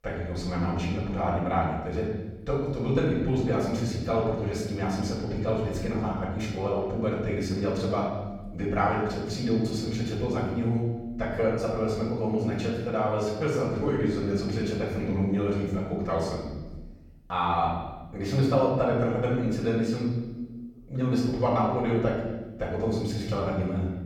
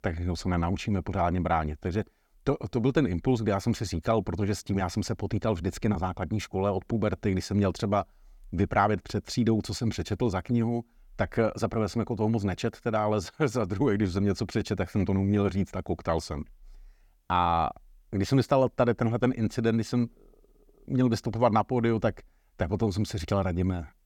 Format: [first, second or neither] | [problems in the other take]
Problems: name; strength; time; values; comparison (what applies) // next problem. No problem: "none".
second | room echo; noticeable; dies away in 1.1 s // off-mic speech; far